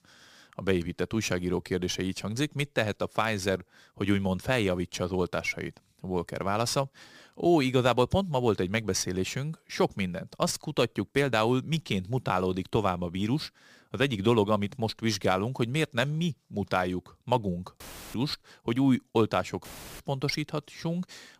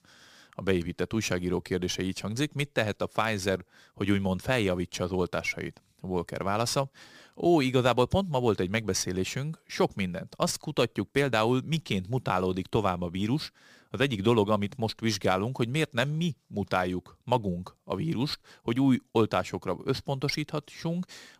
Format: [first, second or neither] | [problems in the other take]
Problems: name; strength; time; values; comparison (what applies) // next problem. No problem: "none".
second | audio cutting out; filled with static; at 18 s and at 20 s